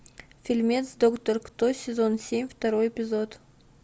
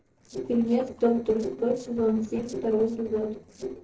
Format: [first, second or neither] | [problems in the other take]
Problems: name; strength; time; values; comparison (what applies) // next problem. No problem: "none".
first | noise reduction (neural separator model SepFormer DNS4)